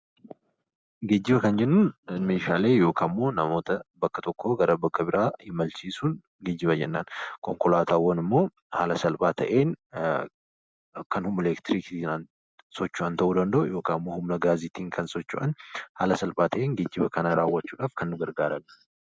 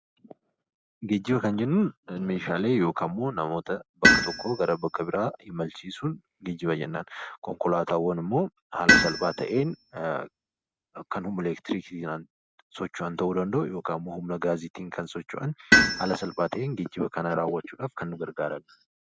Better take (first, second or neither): first